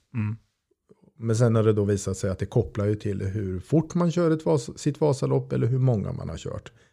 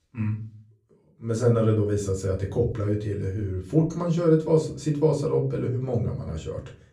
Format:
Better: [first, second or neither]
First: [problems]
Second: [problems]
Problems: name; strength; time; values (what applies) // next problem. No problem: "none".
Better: first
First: none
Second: off-mic speech; far // room echo; very slight; dies away in 0.3 s